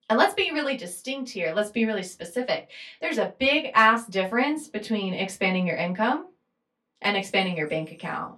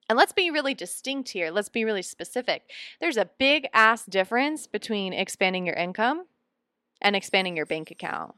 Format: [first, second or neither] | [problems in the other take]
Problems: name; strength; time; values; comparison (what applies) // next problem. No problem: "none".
second | off-mic speech; far // room echo; very slight; dies away in 0.2 s